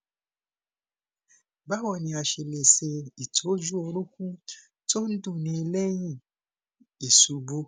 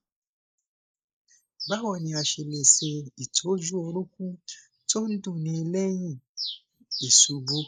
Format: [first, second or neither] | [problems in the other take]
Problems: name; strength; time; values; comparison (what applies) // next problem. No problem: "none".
first | noise reduction (neural mask model Resemble Enhance denoiser)